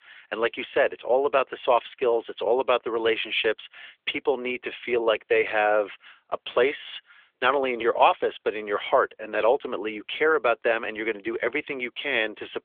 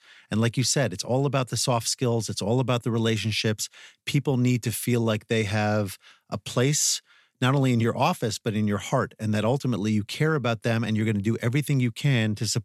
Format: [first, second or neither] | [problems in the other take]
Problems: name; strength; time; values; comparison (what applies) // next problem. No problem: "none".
second | phone-call audio; nothing above 3.5 kHz